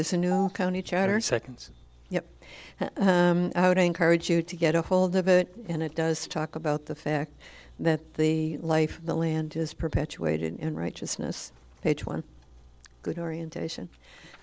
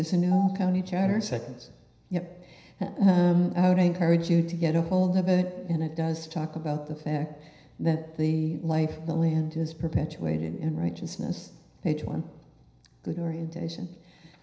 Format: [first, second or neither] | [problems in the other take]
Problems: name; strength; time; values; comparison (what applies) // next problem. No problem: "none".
first | room echo; dies away in 0.9 s